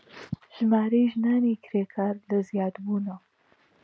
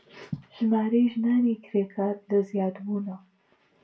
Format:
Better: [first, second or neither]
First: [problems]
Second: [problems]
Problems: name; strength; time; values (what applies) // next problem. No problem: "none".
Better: first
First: none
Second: room echo; dies away in 0.2 s